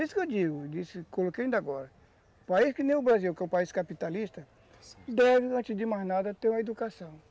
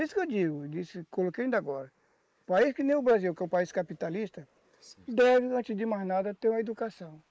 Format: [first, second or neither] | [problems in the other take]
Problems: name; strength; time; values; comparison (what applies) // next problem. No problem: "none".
first | noise reduction (neural mask model Resemble Enhance denoiser)